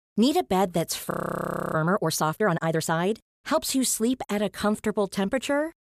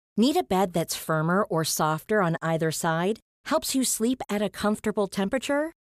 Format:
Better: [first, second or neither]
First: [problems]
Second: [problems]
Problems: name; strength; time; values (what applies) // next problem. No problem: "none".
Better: second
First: audio freezing; at 1 s for 0.5 s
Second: none